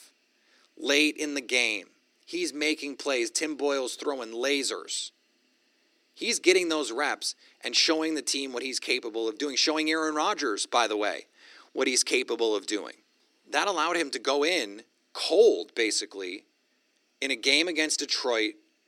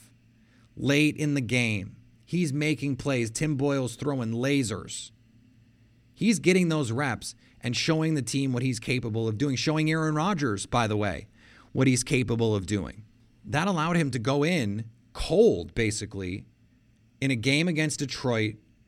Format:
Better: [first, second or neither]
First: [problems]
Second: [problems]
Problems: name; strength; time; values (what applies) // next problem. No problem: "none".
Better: second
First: thin; somewhat; fading below 350 Hz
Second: none